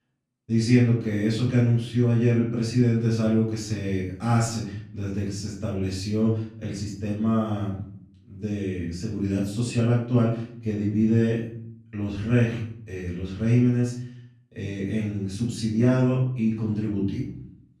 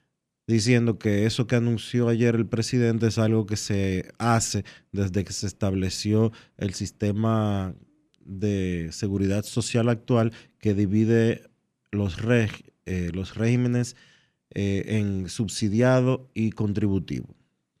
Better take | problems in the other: second | off-mic speech; far // room echo; noticeable; dies away in 0.6 s

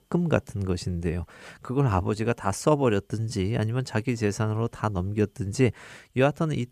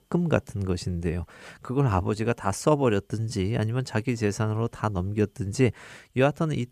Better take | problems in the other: neither | none

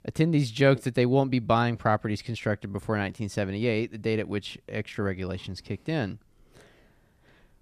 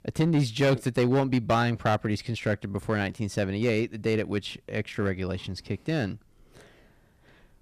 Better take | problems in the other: first | distortion; slight; 4% of the sound clipped

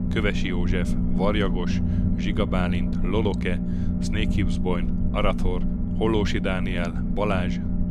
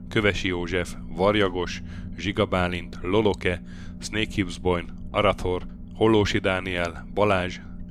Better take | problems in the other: second | low rumble; loud; throughout; 6 dB below the speech; faint in the second

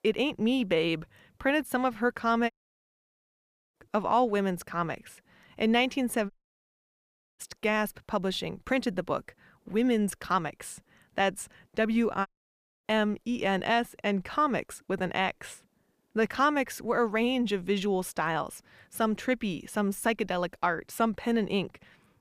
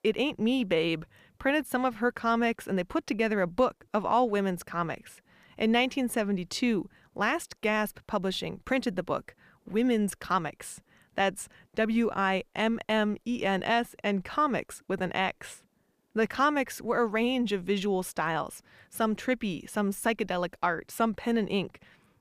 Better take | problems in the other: second | audio cutting out; at 2.5 s for 1 s, at 6.5 s for 1 s and at 12 s for 0.5 s

